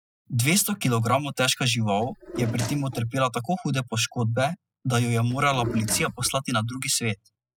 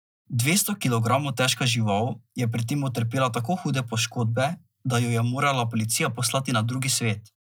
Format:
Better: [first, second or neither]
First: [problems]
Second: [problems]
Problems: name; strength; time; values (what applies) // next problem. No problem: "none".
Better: second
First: noise reduction (classical method spectral subtraction)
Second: none